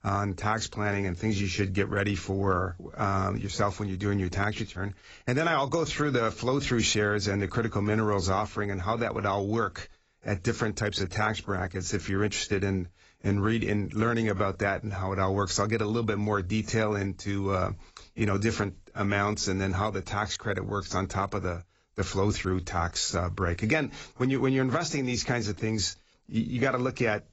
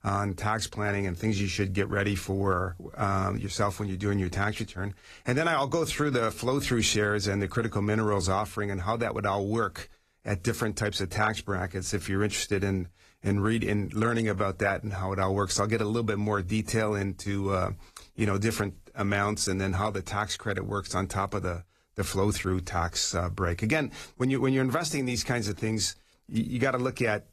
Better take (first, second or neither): second